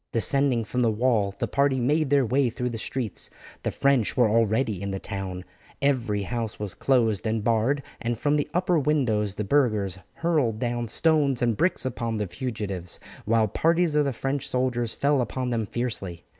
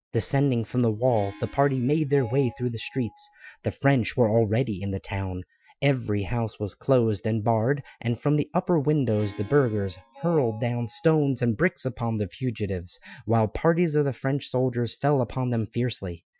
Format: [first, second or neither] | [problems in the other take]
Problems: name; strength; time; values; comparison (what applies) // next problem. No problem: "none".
first | noise reduction (classical method Wiener filter)